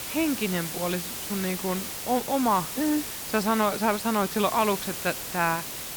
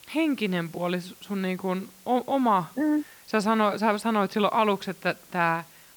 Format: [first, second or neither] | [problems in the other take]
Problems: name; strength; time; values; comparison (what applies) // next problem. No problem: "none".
second | hiss; loud; throughout; 5 dB below the speech; faint in the second